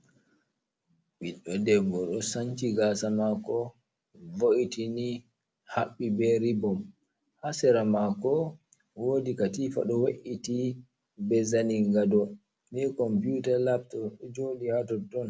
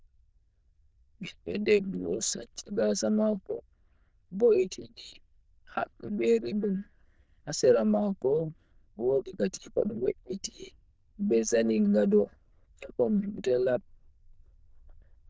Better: first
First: none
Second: noise reduction (neural diffusion model UNIVERSE++)

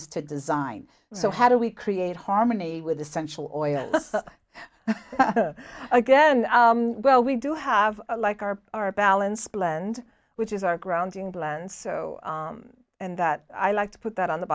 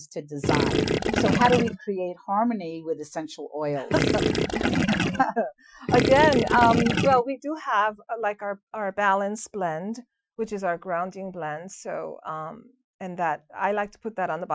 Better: first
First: none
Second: noise reduction (classical method Wiener filter)

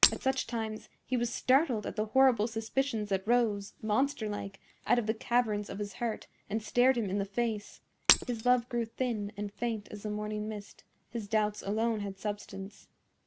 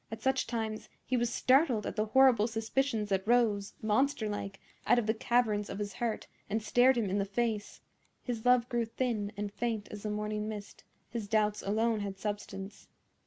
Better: second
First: background sound (Shatter); 3 dB below the speech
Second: none

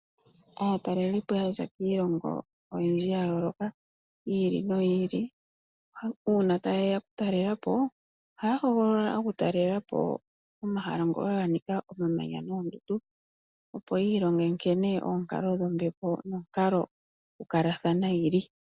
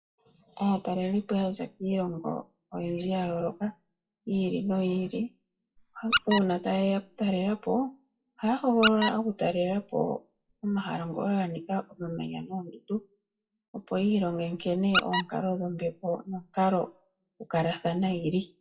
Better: first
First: none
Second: noise reduction (classical method WPE with log-MMSE)

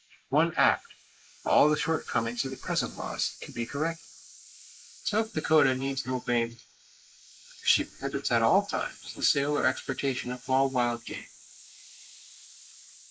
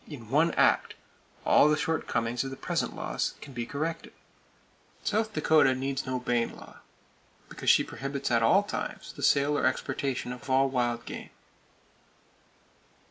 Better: second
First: noise reduction (neural mask model Resemble Enhance denoiser)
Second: none

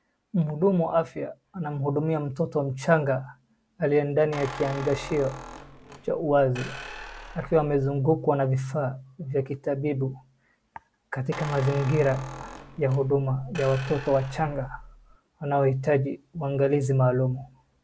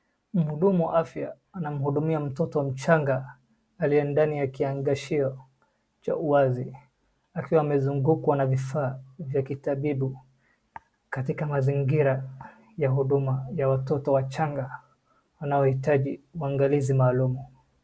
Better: second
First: background sound (Squeak); 14 dB below the speech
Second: none

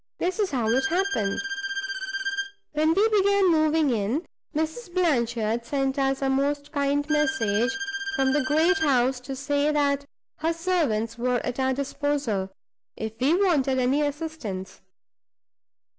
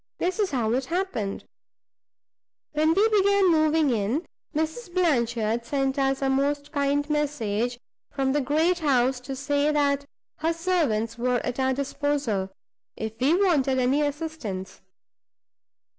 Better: second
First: background sound (Bowed string instrument); 6 dB below the speech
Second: none

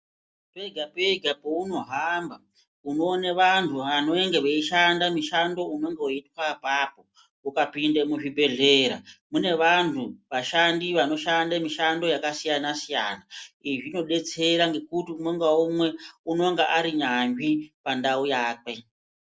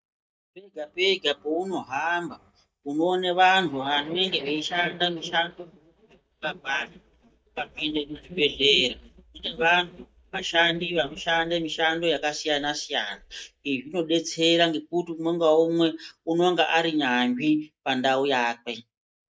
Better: first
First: none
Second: noise reduction (neural mask model DeepFilterNet 3)

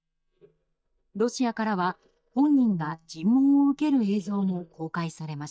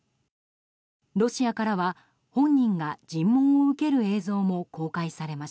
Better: second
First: noise reduction (neural mask model DeepFilterNet 3)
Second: none

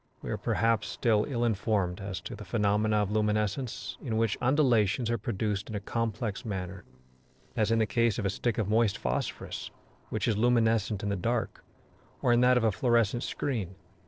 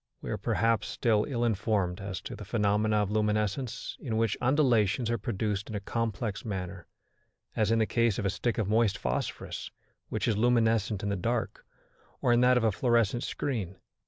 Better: second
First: noise reduction (neural separator model SepFormer DNS4)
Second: none

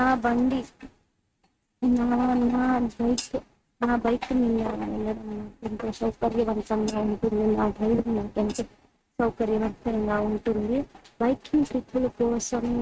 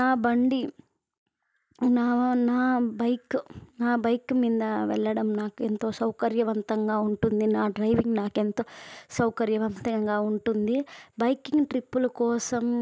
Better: second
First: noise reduction (neural mask model RNNoise)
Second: none

